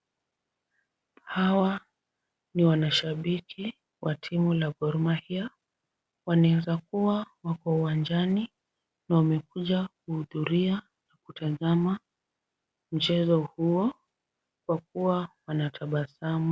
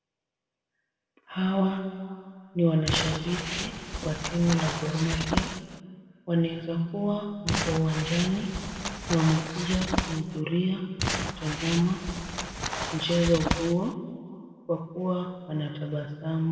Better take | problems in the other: first | background sound (Crumpling, crinkling); 3 dB below the speech // room echo; dies away in 1.8 s

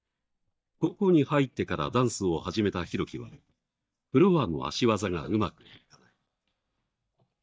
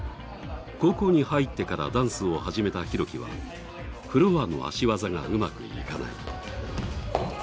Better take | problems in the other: second | noise reduction (neural mask model DeepFilterNet 3)

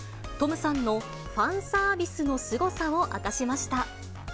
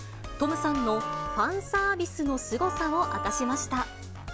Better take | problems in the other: first | background sound (Wind instrument, woodwind instrument); 7 dB below the speech

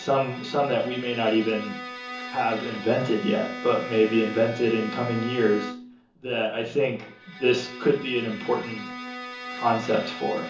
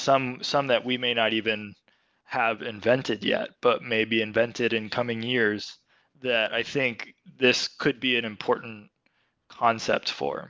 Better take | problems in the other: second | background sound (Bowed string instrument); 11 dB below the speech // room echo; dies away in 0.6 s

